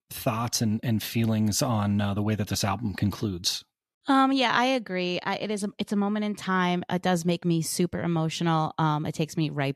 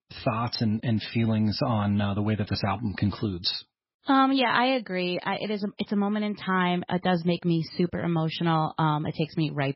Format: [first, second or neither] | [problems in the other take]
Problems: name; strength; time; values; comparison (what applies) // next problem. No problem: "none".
first | garbled, watery; badly; nothing above 5.5 kHz